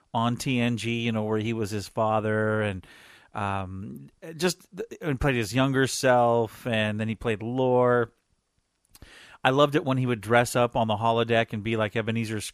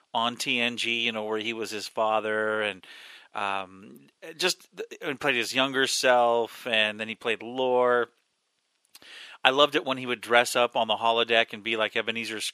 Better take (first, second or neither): first